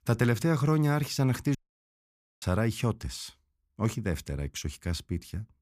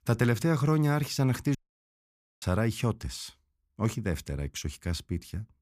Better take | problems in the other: neither | audio cutting out; at 1.5 s for 1 s; the same in both

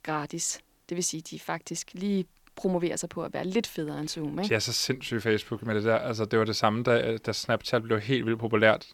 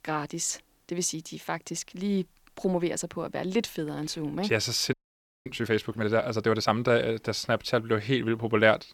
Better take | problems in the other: first | audio freezing; at 5 s for 0.5 s

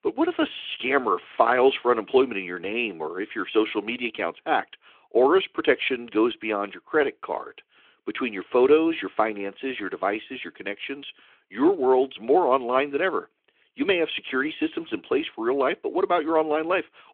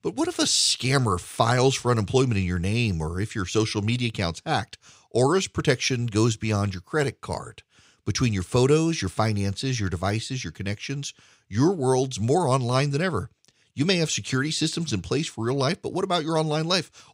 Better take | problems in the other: second | phone-call audio; nothing above 3.5 kHz

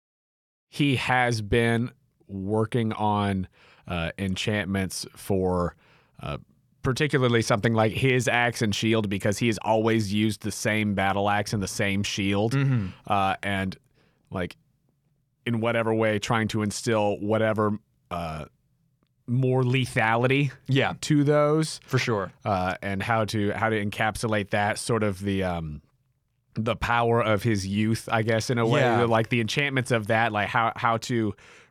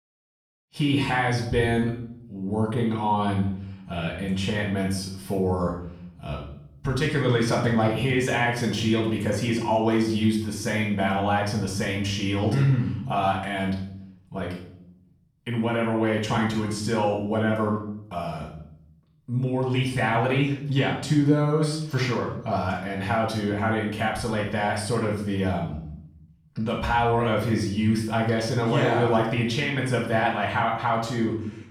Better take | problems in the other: first | off-mic speech; far // room echo; noticeable; dies away in 0.6 s

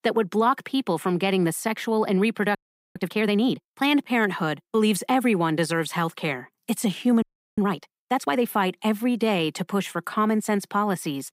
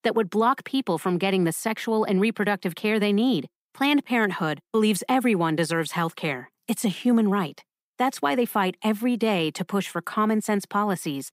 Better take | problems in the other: second | audio freezing; at 2.5 s and at 7 s

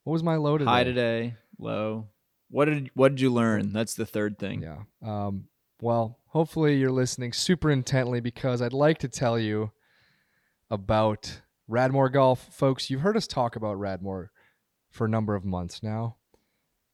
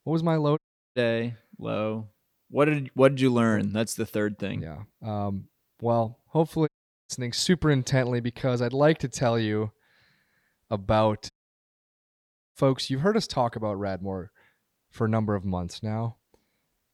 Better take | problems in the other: first | audio cutting out; at 0.5 s, at 6.5 s and at 11 s for 1.5 s

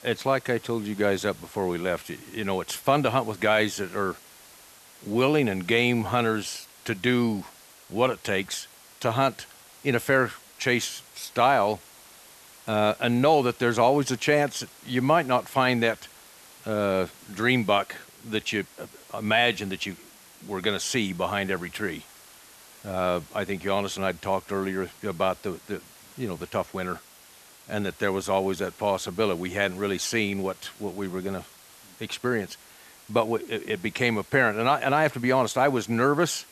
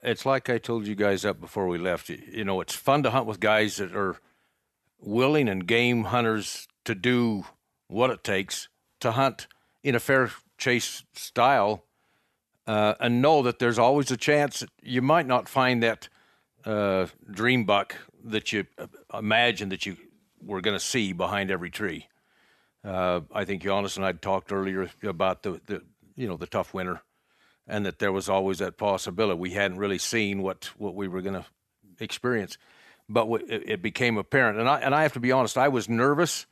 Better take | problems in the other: second | hiss; faint; throughout; 20 dB below the speech

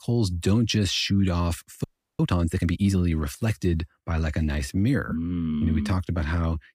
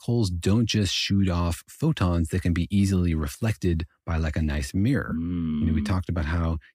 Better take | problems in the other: second | audio freezing; at 2 s

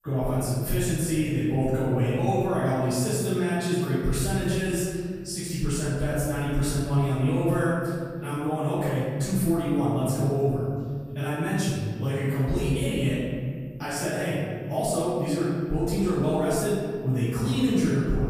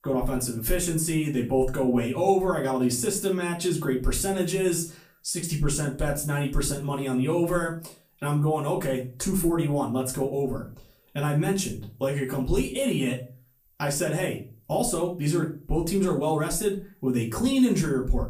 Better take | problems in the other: second | room echo; strong; dies away in 2 s; slight in the second // off-mic speech; far; far in the second

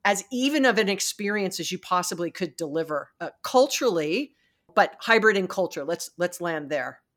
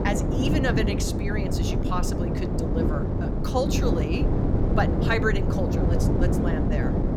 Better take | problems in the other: first | wind noise on the microphone; heavy; 1 dB below the speech

